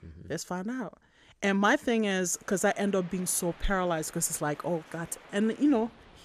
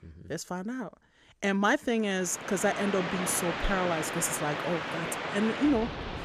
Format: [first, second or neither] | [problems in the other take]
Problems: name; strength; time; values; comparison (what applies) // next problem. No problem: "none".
first | rain or running water; loud; from 2.5 s on; 4 dB below the speech; faint in the first